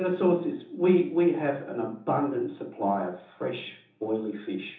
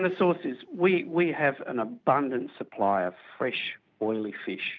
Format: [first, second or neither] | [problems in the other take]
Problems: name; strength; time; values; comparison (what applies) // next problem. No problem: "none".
second | room echo; dies away in 1.2 s